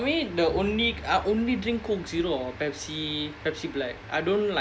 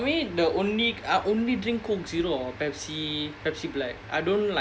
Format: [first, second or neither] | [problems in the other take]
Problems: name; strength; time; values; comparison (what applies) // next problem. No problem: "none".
second | background sound (Bowed string instrument); 16 dB below the speech